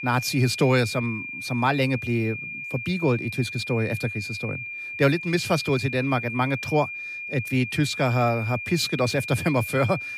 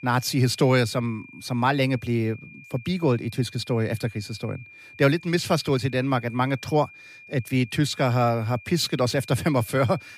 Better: second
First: high-pitched whine; loud; throughout; 2.5 kHz, 7 dB below the speech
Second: high-pitched whine; faint; throughout; 2.5 kHz, 20 dB below the speech

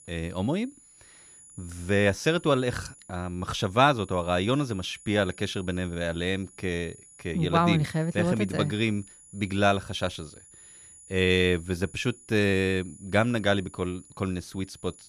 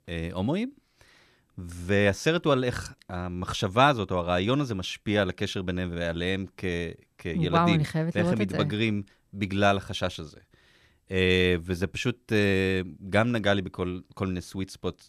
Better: second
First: high-pitched whine; faint; throughout; 10 kHz, 20 dB below the speech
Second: none

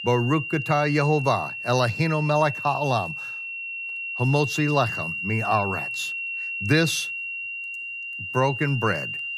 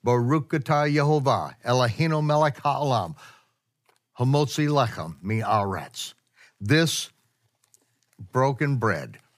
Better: second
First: high-pitched whine; loud; throughout; 2.5 kHz, 5 dB below the speech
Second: none

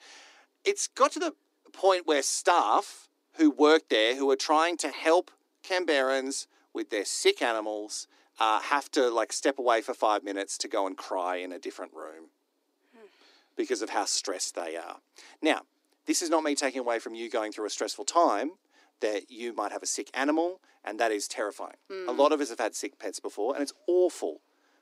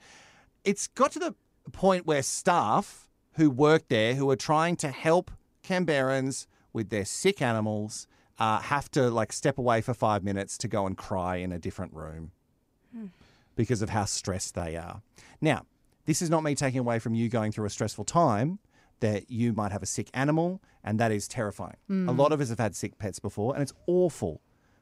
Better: second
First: thin; somewhat; fading below 300 Hz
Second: none

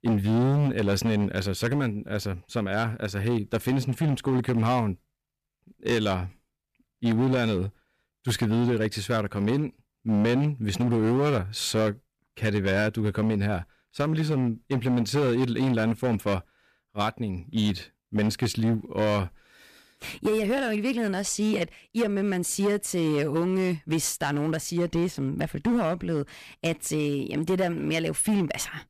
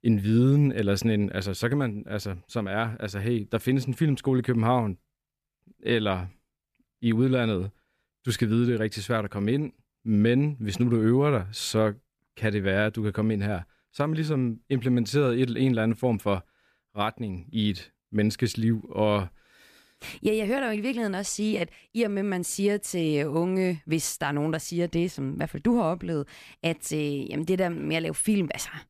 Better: second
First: distortion; slight; 11% of the sound clipped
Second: none

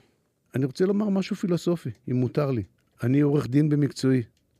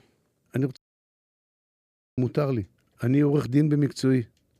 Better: first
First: none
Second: audio cutting out; at 1 s for 1.5 s

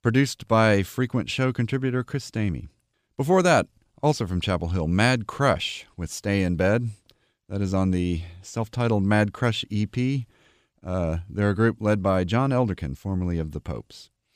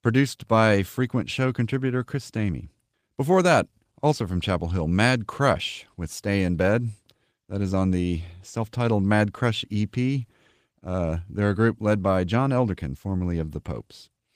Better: first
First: none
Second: garbled, watery; slightly; nothing above 15 kHz

